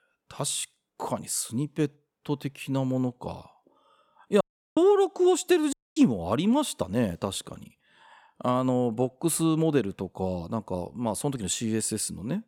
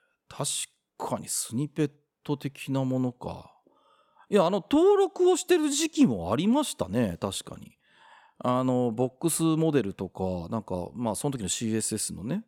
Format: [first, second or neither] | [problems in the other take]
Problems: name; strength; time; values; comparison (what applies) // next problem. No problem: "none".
second | audio cutting out; at 4.5 s and at 5.5 s